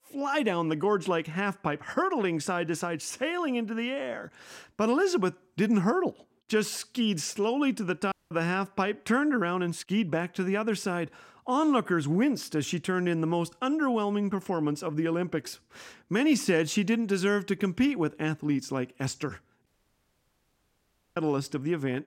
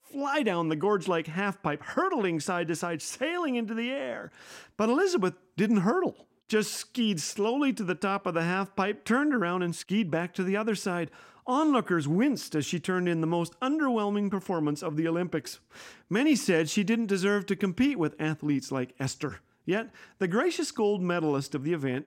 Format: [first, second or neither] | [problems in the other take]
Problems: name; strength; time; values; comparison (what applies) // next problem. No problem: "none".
second | audio cutting out; at 8 s and at 20 s for 1.5 s